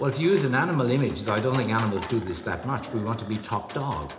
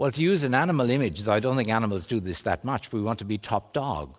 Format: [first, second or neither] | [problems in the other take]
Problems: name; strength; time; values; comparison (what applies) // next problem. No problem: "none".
second | background sound (Livestock, farm animals, working animals); 15 dB below the speech // room echo; dies away in 0.8 s